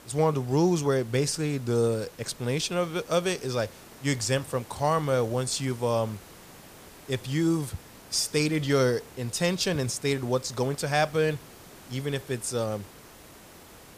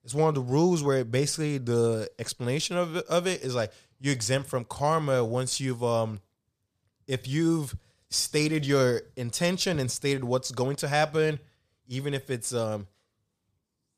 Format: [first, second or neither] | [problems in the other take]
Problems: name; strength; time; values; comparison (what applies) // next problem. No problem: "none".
second | hiss; faint; throughout; 20 dB below the speech